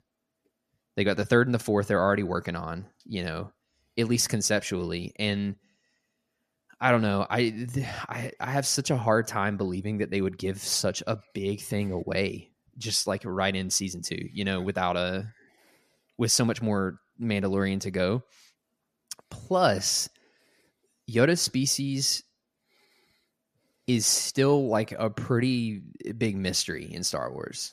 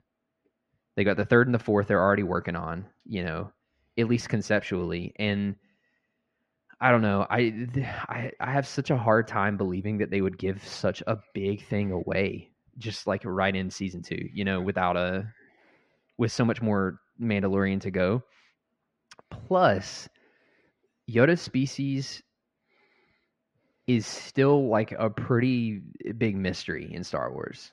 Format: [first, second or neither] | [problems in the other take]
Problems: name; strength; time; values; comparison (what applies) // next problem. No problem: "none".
first | muffled; slightly; fading above 2.5 kHz